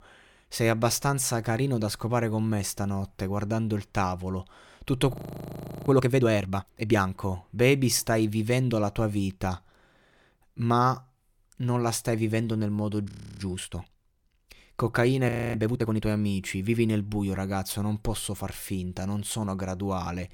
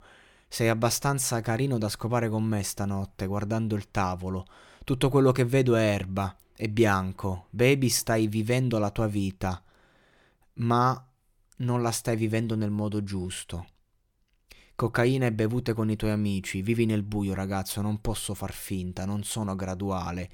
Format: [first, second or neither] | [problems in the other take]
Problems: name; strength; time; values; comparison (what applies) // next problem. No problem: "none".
second | audio freezing; at 5 s for 0.5 s, at 13 s and at 15 s